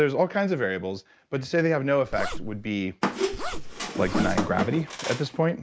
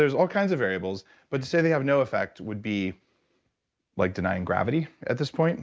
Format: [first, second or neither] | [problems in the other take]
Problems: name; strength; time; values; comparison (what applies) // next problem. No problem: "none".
second | background sound (Zipper (clothing) + Squeak); 2 dB below the speech